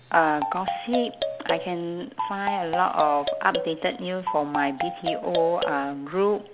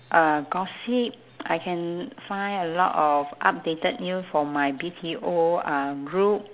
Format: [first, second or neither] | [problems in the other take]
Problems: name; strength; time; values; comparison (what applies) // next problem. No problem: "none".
second | background sound (Marimba, xylophone); 5 dB below the speech